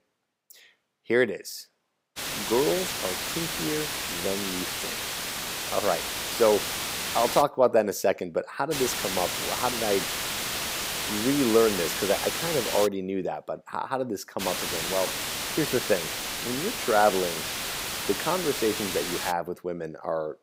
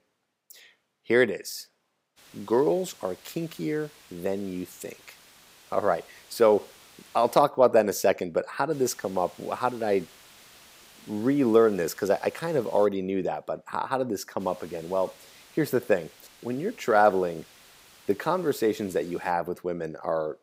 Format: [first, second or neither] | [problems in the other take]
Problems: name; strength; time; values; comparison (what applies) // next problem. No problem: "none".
second | hiss; loud; from 2 to 7.5 s, from 8.5 to 13 s and from 14 to 19 s; 1 dB below the speech; faint in the second